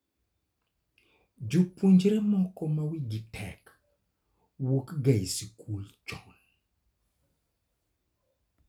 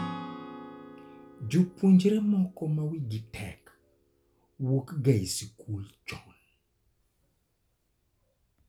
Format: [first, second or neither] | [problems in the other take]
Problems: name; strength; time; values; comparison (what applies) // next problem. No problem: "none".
first | background sound (Acoustic guitar / Strum); 17 dB below the speech